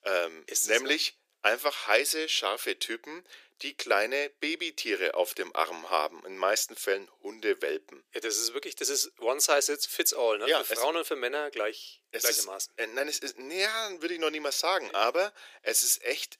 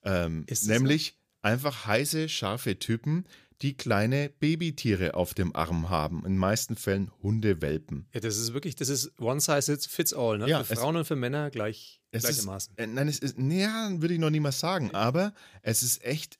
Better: second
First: thin; very; fading below 350 Hz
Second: none

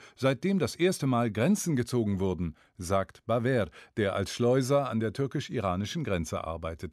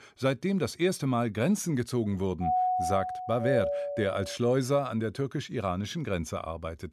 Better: first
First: none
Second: doorbell; loud; from 2.5 to 4.5 s; peak 3 dB above the speech

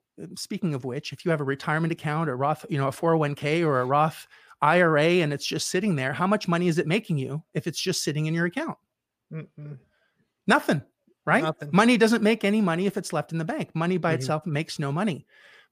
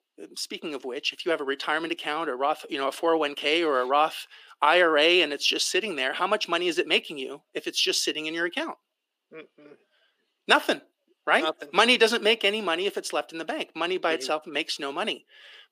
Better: first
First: none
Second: thin; somewhat; fading below 300 Hz

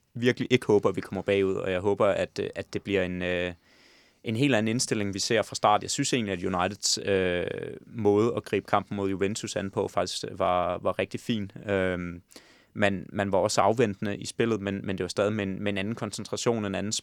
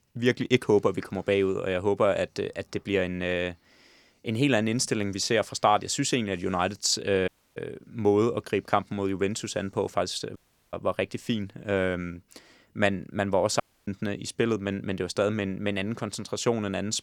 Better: first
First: none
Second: audio cutting out; at 7.5 s, at 10 s and at 14 s

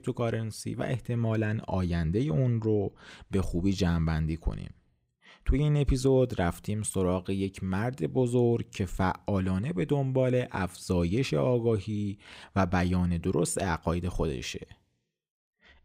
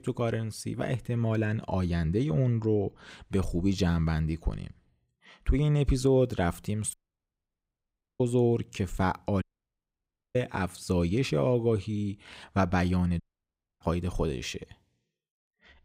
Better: first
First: none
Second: audio cutting out; at 7 s for 1.5 s, at 9.5 s for 1 s and at 13 s for 0.5 s

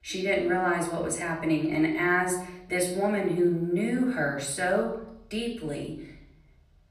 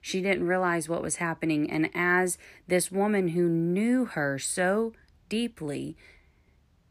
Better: second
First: room echo; slight; dies away in 0.7 s // off-mic speech; far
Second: none

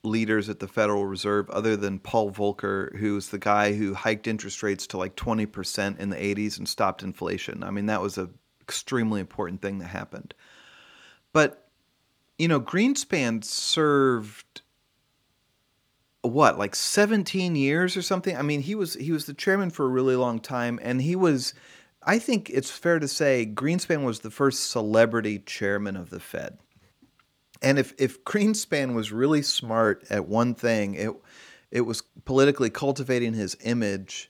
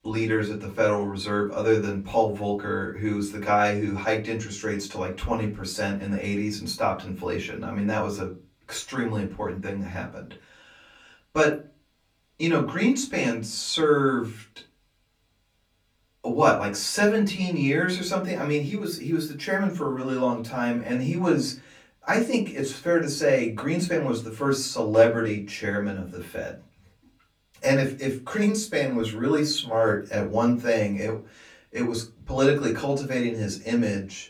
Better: first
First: none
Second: off-mic speech; far // room echo; very slight; dies away in 0.2 s

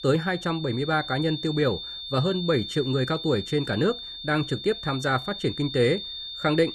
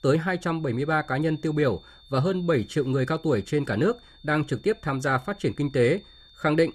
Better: second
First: high-pitched whine; loud; throughout; 3.5 kHz, 8 dB below the speech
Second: high-pitched whine; faint; throughout; 3.5 kHz, 25 dB below the speech

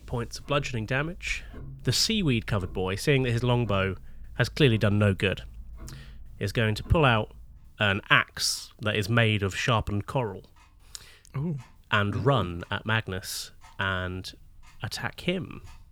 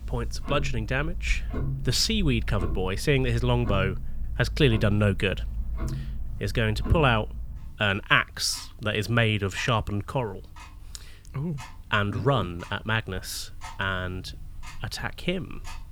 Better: first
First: household noises; faint; throughout; 20 dB below the speech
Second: household noises; loud; throughout; 10 dB below the speech

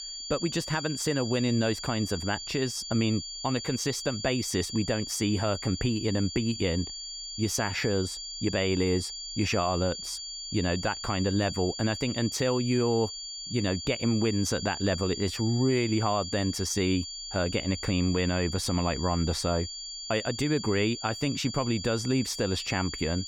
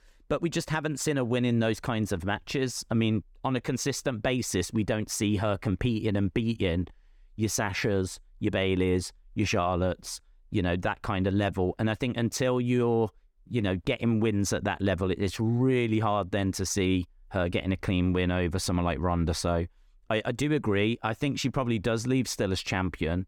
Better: second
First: high-pitched whine; loud; throughout; 4.5 kHz, 7 dB below the speech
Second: none

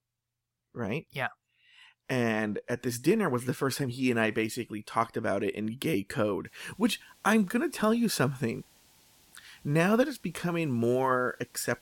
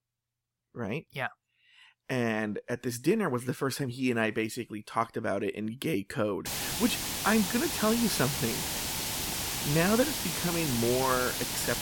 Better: first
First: hiss; faint; from 6.5 s on; 30 dB below the speech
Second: hiss; loud; from 6.5 s on; 1 dB below the speech

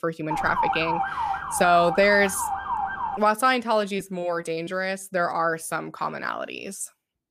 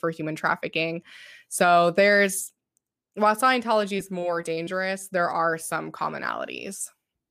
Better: second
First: siren; noticeable; until 3 s; peak 1 dB below the speech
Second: none

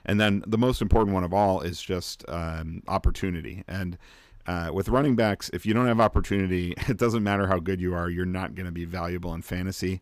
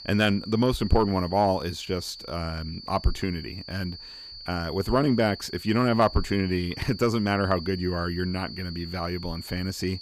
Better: first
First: none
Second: high-pitched whine; noticeable; throughout; 4.5 kHz, 15 dB below the speech

